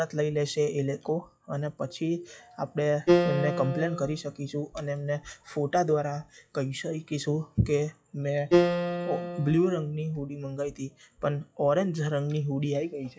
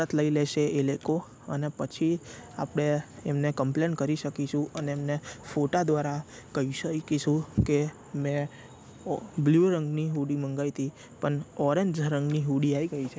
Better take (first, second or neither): second